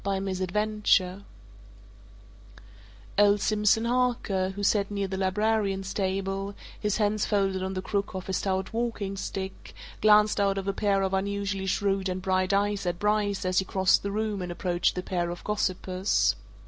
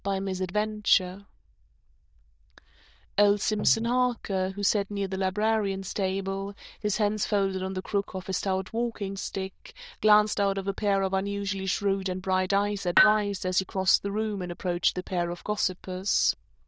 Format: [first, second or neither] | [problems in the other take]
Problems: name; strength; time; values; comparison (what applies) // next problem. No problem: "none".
first | noise reduction (neural diffusion model UNIVERSE++)